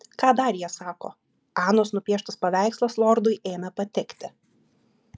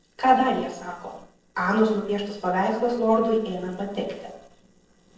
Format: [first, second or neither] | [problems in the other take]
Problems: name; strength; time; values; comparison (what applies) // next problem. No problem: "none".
first | noise reduction (neural separator model SepFormer DNS4)